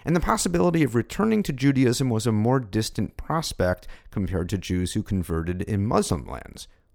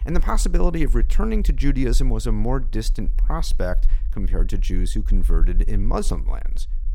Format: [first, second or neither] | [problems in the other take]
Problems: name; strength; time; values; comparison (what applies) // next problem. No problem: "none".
first | low rumble; faint; throughout; 20 dB below the speech